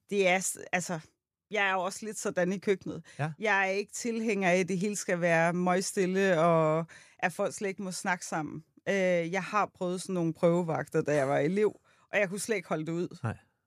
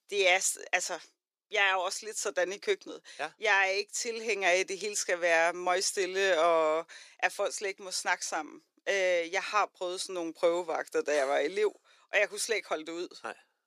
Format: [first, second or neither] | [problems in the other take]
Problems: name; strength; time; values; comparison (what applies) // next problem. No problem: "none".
first | thin; very; fading below 350 Hz